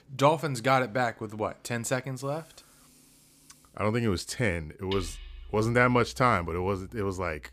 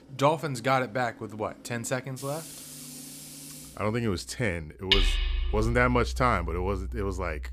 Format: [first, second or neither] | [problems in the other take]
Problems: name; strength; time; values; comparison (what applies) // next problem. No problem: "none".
first | machinery noise; loud; throughout; 4 dB below the speech; faint in the first